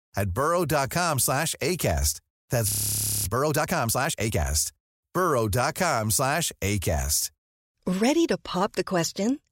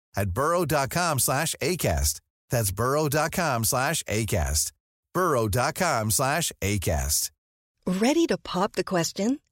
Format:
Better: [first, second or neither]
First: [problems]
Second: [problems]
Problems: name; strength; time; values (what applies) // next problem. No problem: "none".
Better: second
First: audio freezing; at 2.5 s for 0.5 s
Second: none